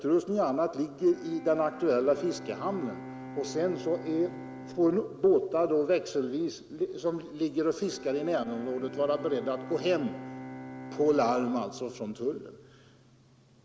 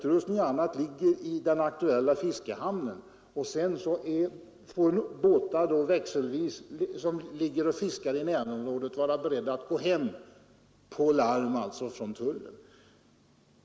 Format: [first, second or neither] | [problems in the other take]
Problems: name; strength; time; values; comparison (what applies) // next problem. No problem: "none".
second | background sound (Bowed string instrument); 15 dB below the speech